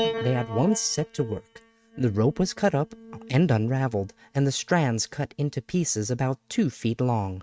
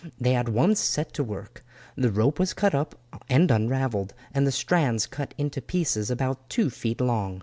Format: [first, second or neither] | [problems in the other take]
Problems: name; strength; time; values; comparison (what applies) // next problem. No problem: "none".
second | noise reduction (neural mask model RNNoise)